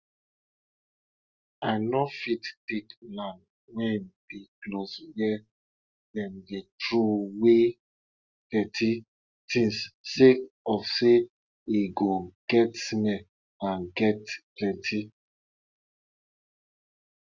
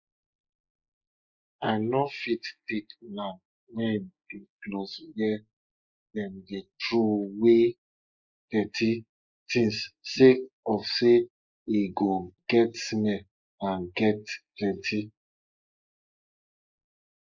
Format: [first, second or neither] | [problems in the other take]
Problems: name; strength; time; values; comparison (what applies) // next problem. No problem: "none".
first | noise reduction (neural mask model Resemble Enhance denoiser)